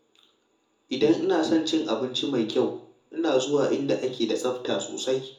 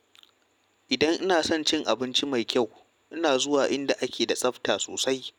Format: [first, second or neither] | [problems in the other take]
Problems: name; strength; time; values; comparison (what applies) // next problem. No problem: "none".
second | room echo; dies away in 0.6 s